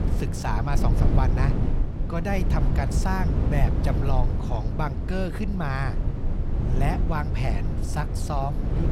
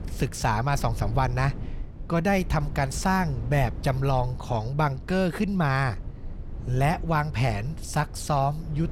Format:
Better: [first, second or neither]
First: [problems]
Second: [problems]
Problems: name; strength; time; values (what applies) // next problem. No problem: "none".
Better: second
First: low rumble; loud; throughout; 5 dB below the speech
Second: low rumble; faint; throughout; 20 dB below the speech